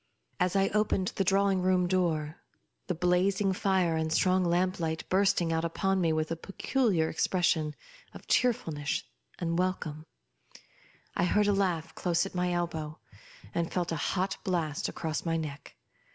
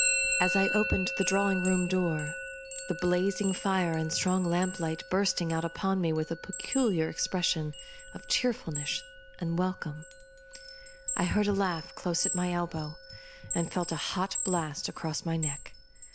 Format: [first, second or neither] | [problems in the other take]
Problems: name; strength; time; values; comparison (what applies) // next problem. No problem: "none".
first | background sound (Chime + Musical instrument); 6 dB below the speech